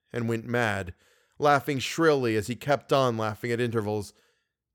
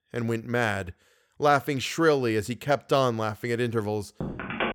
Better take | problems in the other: first | phone ringing; noticeable; at 4 s; peak 5 dB below the speech

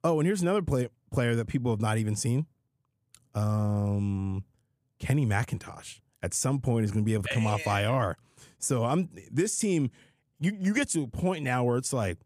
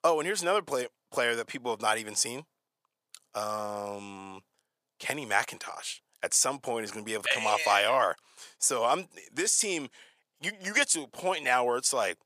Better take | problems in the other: first | thin; very; fading below 700 Hz

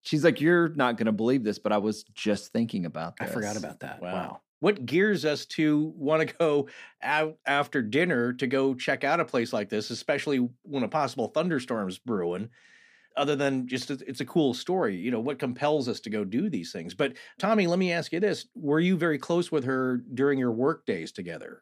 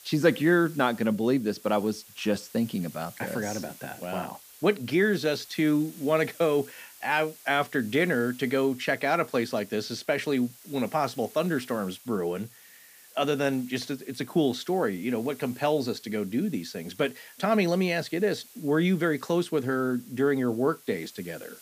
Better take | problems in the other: first | hiss; faint; throughout; 20 dB below the speech

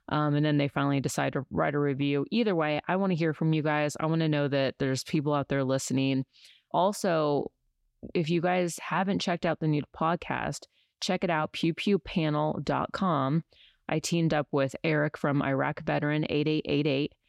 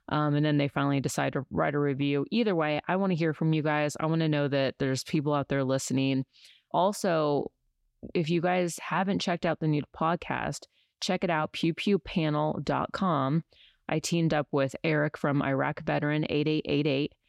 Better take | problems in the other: neither | none

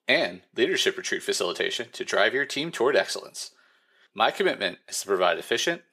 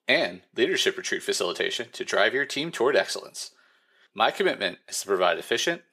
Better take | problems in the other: neither | thin; somewhat; fading below 450 Hz; the same in both

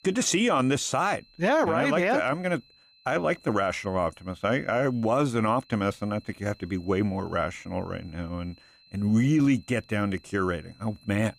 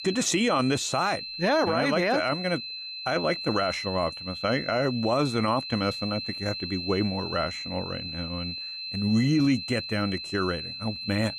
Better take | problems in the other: first | high-pitched whine; loud; throughout; 4 kHz, 7 dB below the speech; faint in the first

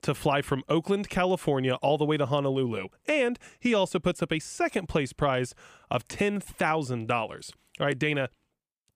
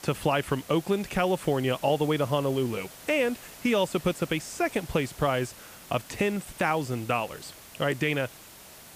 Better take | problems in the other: first | hiss; noticeable; throughout; 15 dB below the speech

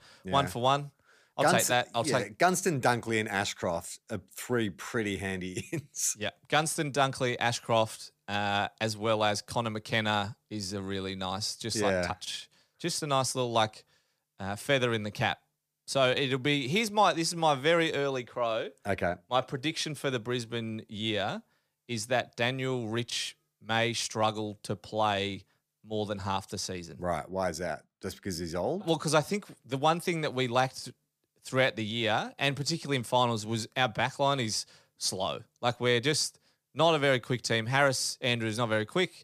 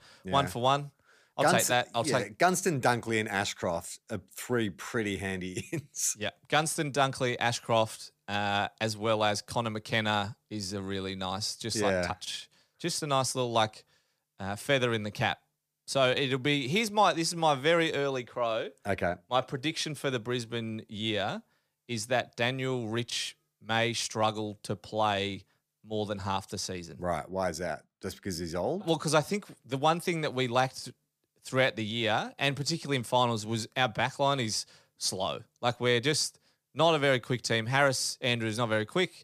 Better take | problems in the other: neither | none

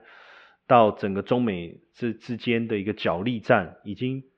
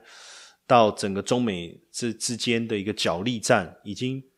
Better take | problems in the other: second | muffled; very; fading above 3 kHz

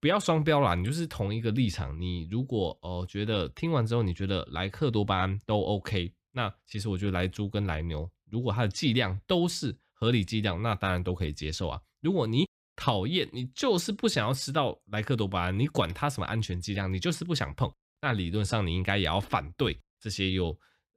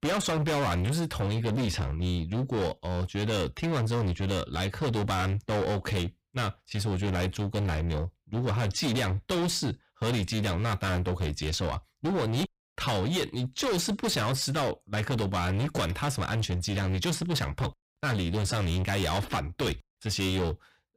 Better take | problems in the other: first | distortion; heavy; 28% of the sound clipped

